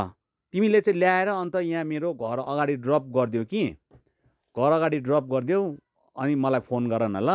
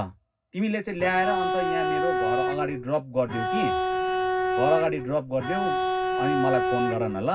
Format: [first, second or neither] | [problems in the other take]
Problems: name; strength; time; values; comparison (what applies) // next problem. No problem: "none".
first | background sound (Bowed string instrument); 2 dB above the speech // room echo; dies away in 0.4 s